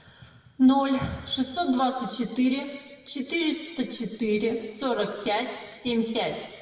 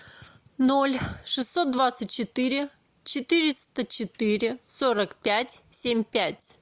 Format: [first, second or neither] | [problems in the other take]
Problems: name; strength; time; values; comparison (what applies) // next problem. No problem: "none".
second | room echo; dies away in 1.3 s